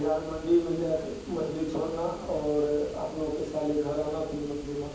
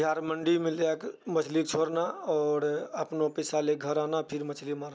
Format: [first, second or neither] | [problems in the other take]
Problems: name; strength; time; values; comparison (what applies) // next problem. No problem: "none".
second | background sound (Water); 16 dB below the speech // room echo; dies away in 1.2 s